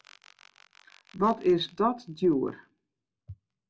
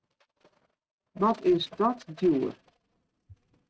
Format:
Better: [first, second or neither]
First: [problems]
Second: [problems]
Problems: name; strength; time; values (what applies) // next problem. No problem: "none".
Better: first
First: none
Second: noise reduction (neural mask model RNNoise)